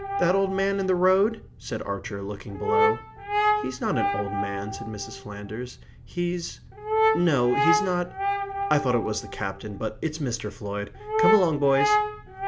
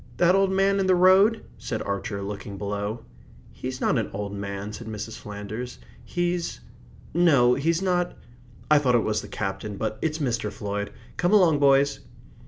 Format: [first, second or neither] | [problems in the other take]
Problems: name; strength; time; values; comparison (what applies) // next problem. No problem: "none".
second | background sound (Brass instrument); 2 dB below the speech